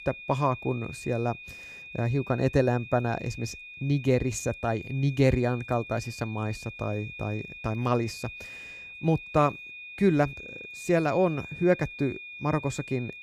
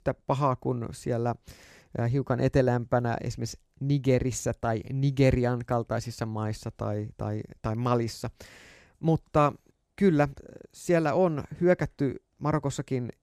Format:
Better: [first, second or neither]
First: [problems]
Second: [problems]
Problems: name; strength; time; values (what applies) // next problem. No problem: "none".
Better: second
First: high-pitched whine; noticeable; throughout; 2.5 kHz, 15 dB below the speech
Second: none